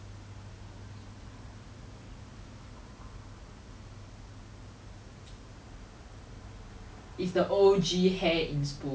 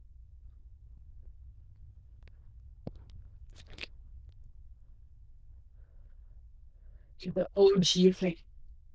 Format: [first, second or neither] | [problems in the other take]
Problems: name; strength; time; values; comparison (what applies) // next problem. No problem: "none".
first | noise reduction (neural diffusion model UNIVERSE++)